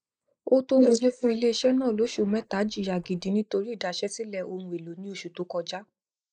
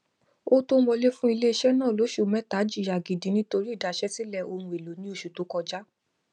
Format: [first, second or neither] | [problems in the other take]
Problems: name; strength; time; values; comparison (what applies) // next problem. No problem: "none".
second | noise reduction (neural mask model Resemble Enhance denoiser)